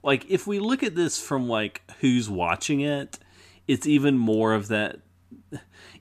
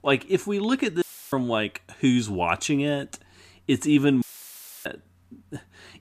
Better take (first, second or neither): first